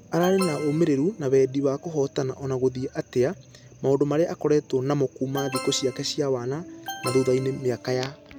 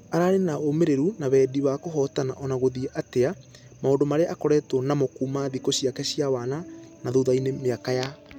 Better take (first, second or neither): second